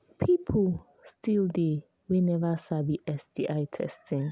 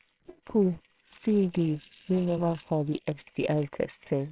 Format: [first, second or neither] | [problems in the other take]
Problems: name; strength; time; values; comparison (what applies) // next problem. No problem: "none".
first | noise reduction (neural separator model SepFormer WHAMR!)